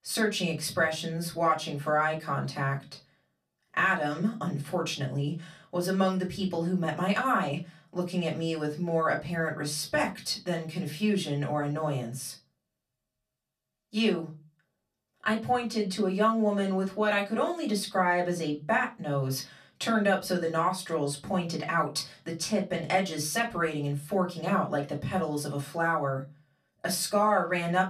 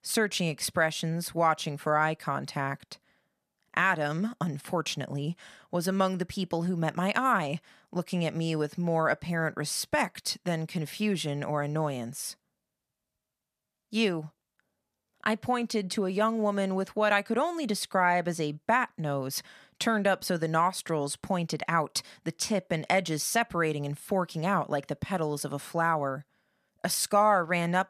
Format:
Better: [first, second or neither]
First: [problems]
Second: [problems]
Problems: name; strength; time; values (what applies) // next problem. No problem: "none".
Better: second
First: off-mic speech; far // room echo; very slight; dies away in 0.2 s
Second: none